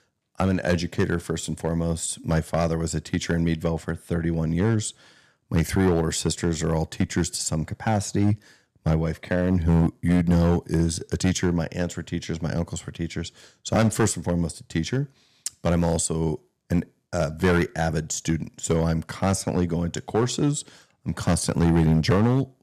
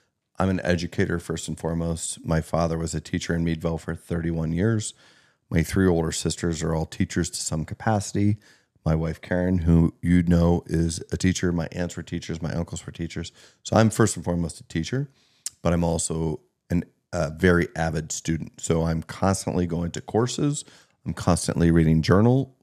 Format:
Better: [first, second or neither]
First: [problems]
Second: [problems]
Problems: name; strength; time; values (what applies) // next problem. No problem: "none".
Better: second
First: distortion; slight; 3% of the sound clipped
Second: none